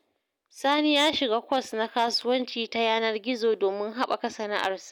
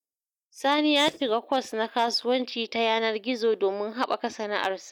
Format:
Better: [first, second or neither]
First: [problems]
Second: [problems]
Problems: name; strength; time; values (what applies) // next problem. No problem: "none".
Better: first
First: none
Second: noise reduction (neural mask model DeepFilterNet 3)